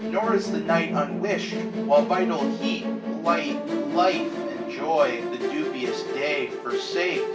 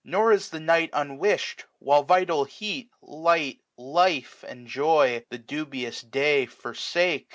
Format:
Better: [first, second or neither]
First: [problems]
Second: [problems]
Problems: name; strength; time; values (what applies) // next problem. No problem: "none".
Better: second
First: background sound (Musical instrument); 2 dB below the speech // room echo; dies away in 0.3 s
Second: none